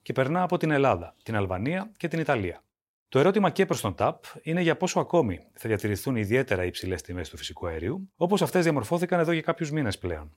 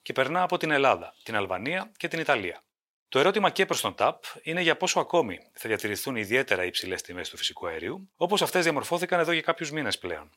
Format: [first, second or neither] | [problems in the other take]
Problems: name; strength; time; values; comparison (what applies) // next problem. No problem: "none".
first | thin; somewhat; fading below 700 Hz